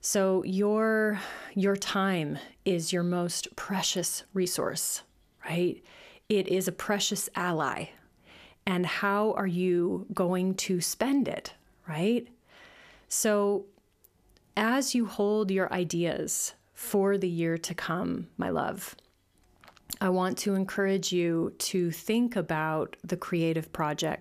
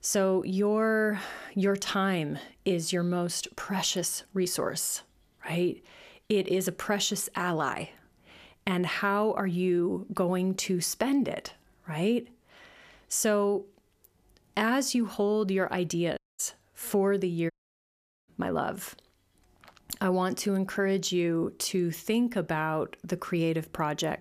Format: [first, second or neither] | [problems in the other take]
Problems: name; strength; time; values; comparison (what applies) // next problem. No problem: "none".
first | audio cutting out; at 16 s and at 18 s for 1 s